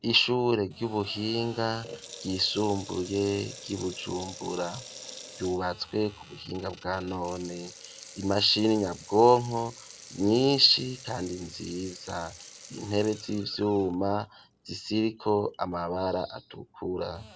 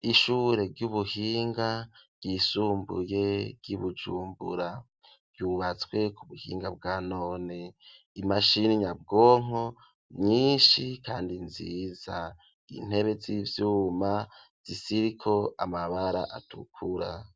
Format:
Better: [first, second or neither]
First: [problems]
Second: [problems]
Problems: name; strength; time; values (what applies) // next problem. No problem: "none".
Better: second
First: background sound (Sink (filling or washing) / Water tap, faucet); 18 dB below the speech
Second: none